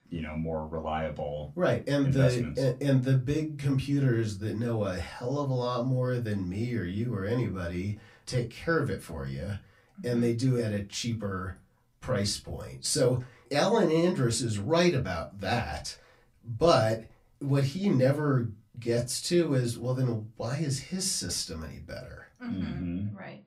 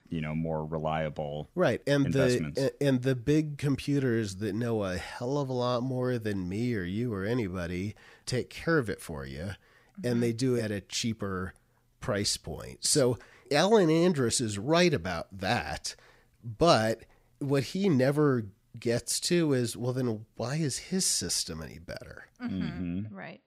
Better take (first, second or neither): second